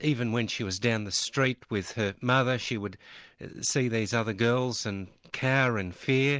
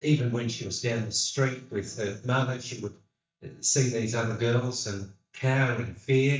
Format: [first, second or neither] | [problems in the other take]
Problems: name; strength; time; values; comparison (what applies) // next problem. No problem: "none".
first | noise reduction (neural mask model DeepFilterNet 3)